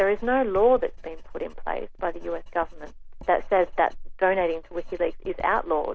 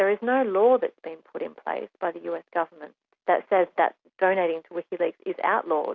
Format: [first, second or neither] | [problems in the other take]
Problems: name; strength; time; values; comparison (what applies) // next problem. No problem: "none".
second | background sound (Writing); 10 dB below the speech